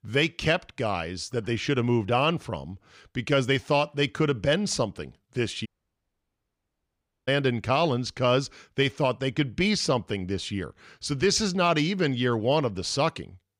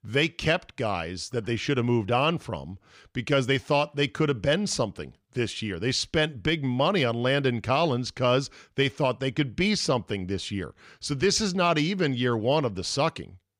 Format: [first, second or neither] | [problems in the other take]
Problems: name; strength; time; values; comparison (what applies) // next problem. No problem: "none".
second | audio cutting out; at 5.5 s for 1.5 s